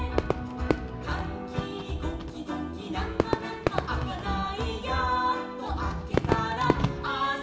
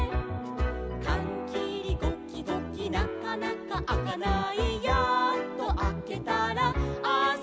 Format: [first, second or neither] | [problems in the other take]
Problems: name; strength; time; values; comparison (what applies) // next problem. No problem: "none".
second | background sound (Fireworks); 2 dB below the speech // room echo; dies away in 0.9 s